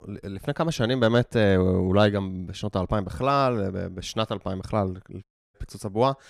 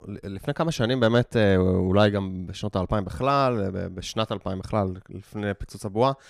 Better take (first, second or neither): second